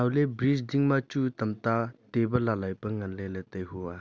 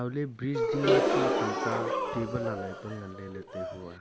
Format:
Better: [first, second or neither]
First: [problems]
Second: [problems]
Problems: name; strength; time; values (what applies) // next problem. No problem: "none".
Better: first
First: none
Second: background sound (Gasp + Bowed string instrument); 5 dB above the speech